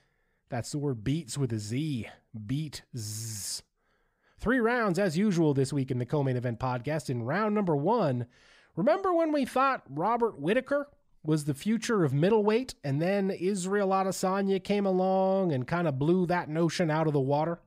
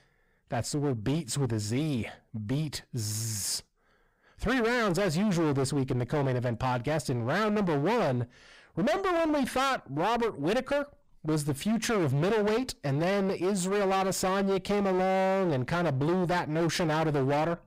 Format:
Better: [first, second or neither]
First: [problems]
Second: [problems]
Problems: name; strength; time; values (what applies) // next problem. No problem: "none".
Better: first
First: none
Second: distortion; heavy; 27% of the sound clipped